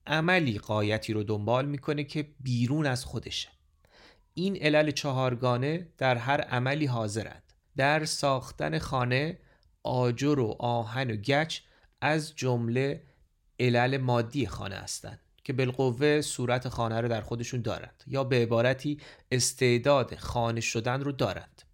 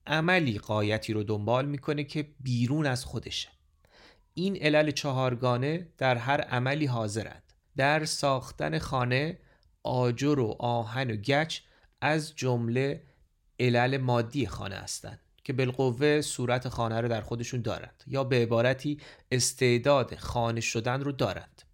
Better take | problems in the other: neither | none

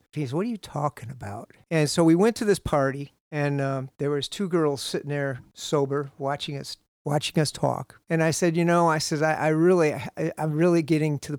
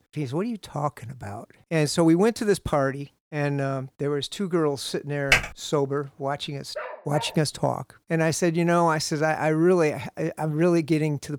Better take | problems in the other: first | keyboard typing; loud; at 5.5 s; peak 4 dB above the speech // dog barking; faint; at 7 s; peak 10 dB below the speech

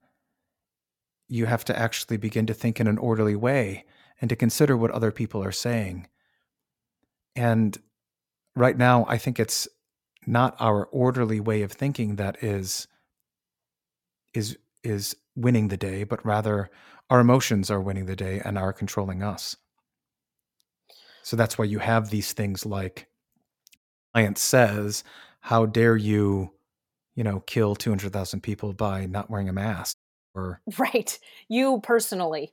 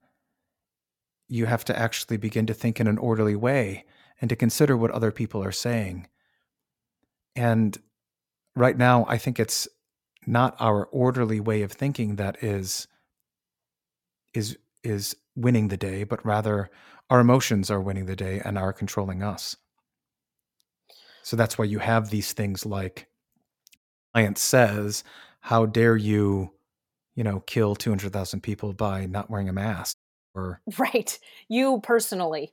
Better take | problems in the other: neither | audio cutting out; at 24 s and at 30 s; the same in both

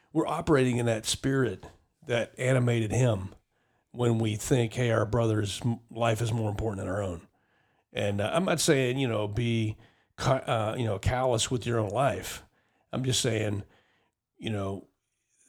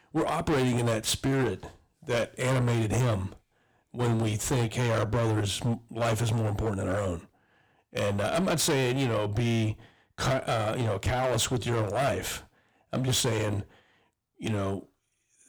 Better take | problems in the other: first | distortion; heavy; 16% of the sound clipped

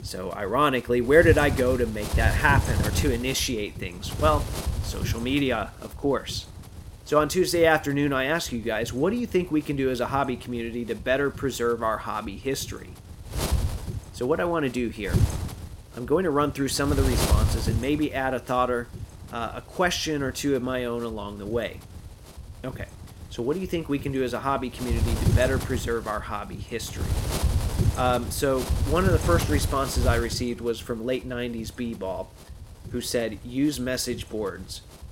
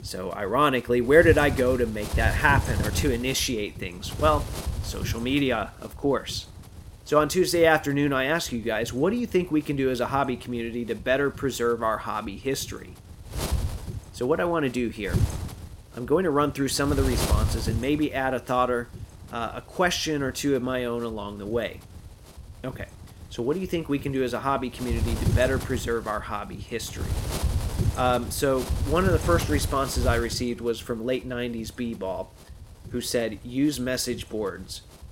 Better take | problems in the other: second | wind noise on the microphone; heavy; 10 dB below the speech; occasional gusts in the second

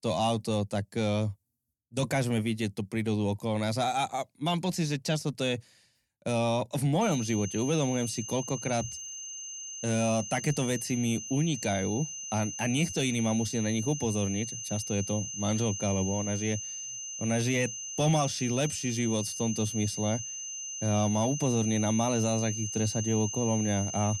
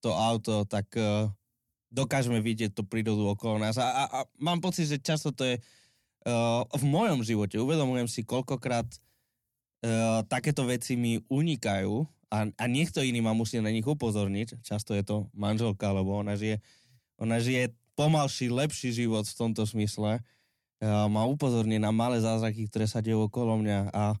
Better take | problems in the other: second | high-pitched whine; loud; from 7 s on; 6 kHz, 6 dB below the speech

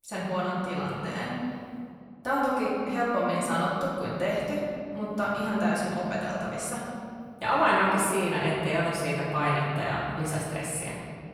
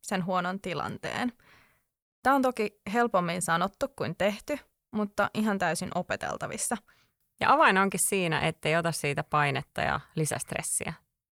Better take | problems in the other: second | off-mic speech; far // room echo; noticeable; dies away in 2.2 s

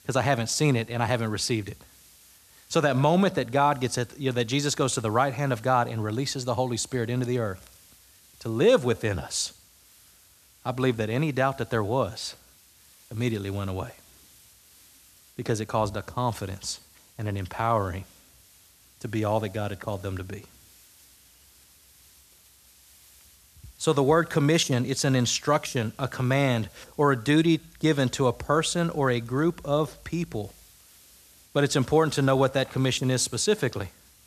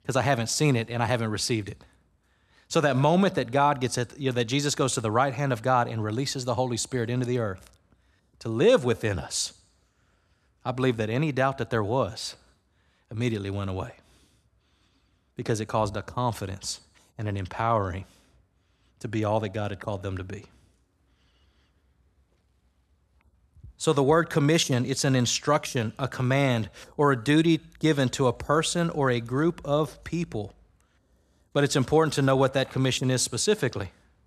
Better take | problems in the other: second | hiss; faint; throughout; 25 dB below the speech

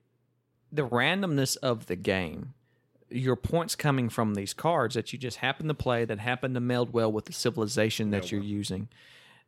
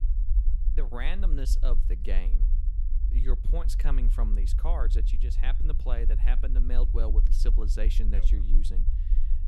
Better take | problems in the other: first | low rumble; loud; throughout; 10 dB below the speech

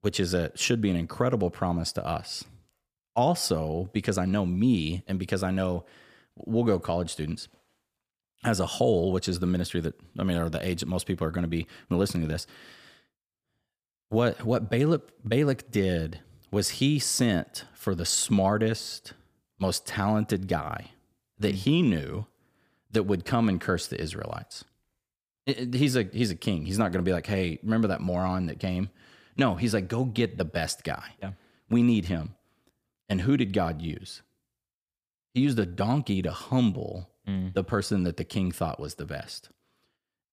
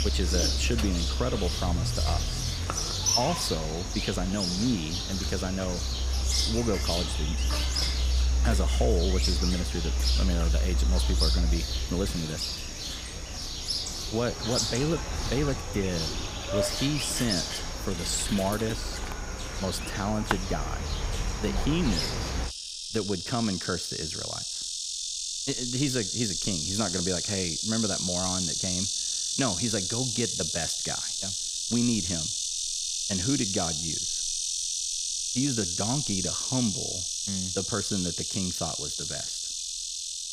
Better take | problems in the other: first | animal sounds; very loud; throughout; 3 dB above the speech

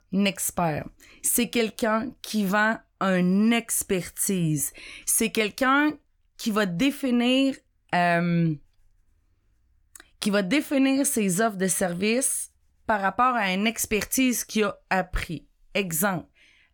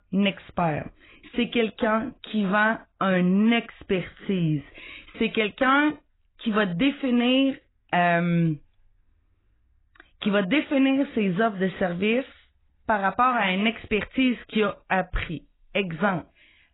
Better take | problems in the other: first | garbled, watery; badly; nothing above 3.5 kHz

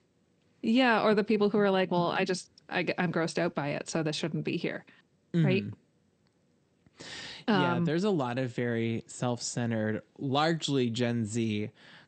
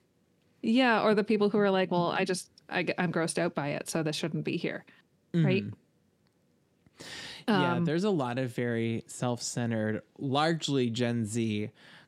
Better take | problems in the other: second | garbled, watery; slightly; nothing above 8.5 kHz

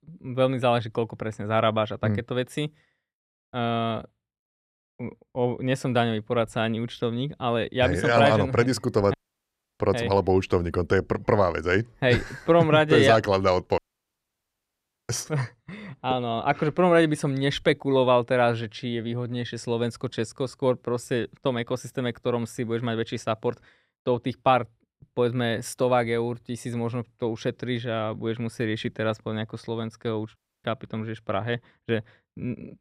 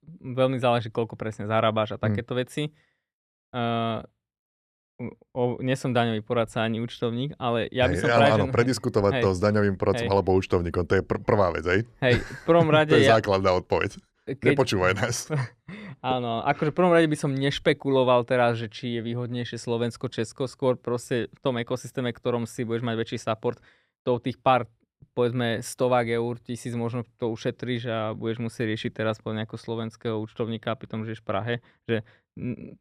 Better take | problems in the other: second | audio cutting out; at 9 s for 0.5 s, at 14 s for 1.5 s and at 30 s

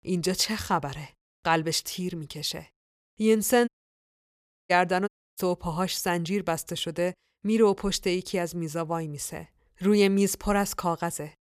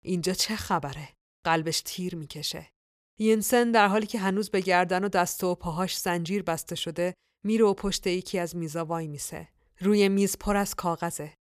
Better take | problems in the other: second | audio cutting out; at 3.5 s for 1 s and at 5 s

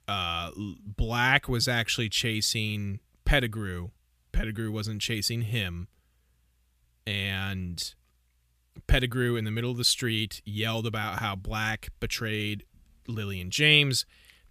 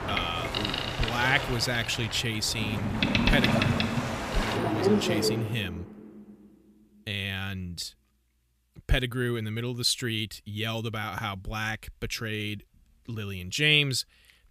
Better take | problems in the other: first | train or aircraft noise; very loud; until 5.5 s; as loud as the speech

